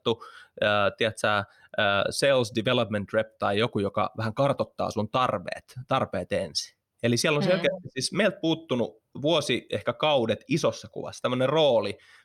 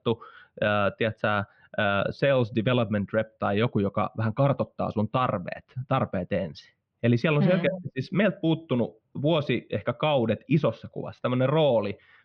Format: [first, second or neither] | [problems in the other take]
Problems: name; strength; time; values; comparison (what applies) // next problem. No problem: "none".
first | muffled; very; fading above 3 kHz